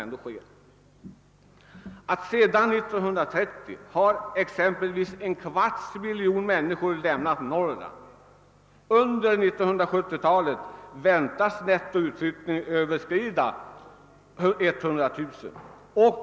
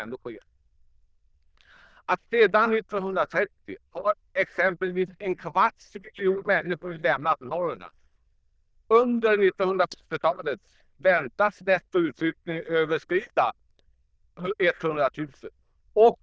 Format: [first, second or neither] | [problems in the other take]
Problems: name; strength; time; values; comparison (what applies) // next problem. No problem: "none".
first | noise reduction (neural diffusion model UNIVERSE++)